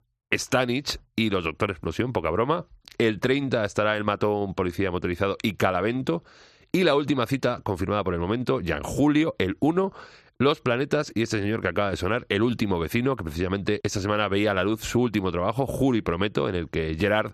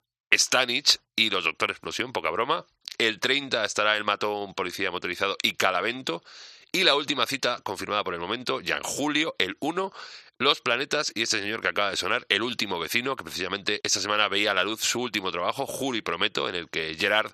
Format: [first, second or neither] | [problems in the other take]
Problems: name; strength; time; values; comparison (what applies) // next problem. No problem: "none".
first | thin; somewhat; fading below 950 Hz